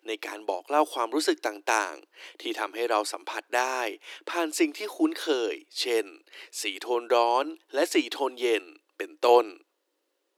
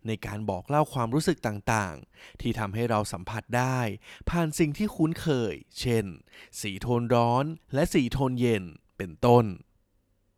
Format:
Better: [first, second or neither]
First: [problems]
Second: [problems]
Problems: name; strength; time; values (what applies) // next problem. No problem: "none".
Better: second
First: thin; very; fading below 300 Hz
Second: none